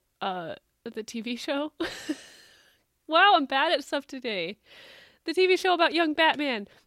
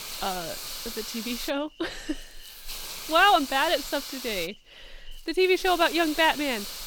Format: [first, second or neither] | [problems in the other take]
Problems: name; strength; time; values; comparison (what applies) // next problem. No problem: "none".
first | hiss; noticeable; throughout; 10 dB below the speech